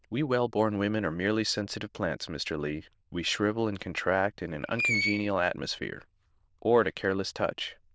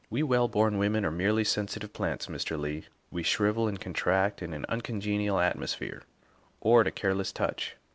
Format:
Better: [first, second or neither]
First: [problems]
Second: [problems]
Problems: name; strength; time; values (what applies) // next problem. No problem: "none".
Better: second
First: noise reduction (neural diffusion model UNIVERSE++)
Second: none